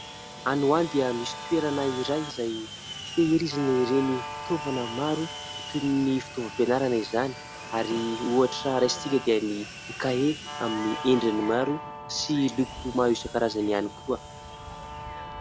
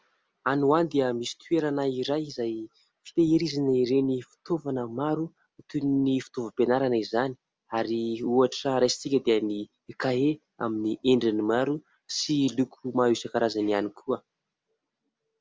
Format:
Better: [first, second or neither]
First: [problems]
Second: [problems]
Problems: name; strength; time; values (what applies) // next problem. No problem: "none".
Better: second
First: background sound (Sawing + Guitar); 11 dB below the speech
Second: none